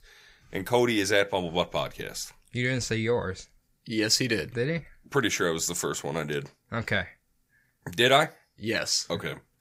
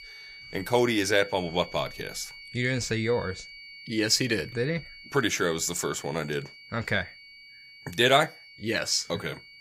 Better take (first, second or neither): first